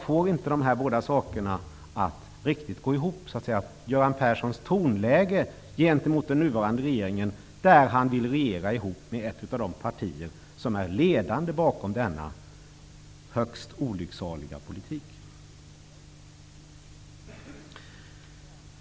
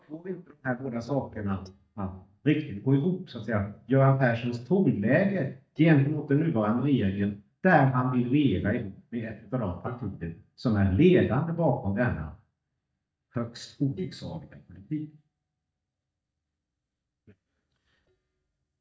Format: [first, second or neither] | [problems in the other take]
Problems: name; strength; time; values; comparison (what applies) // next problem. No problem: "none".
first | noise reduction (neural mask model DeepFilterNet 3)